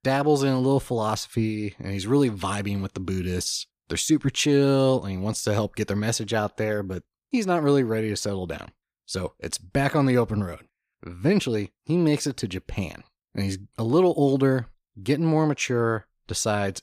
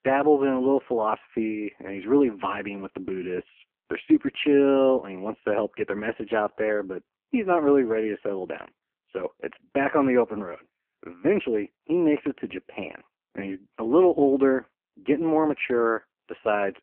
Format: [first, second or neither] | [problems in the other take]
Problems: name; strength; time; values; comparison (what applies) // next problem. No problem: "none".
first | phone-call audio; poor line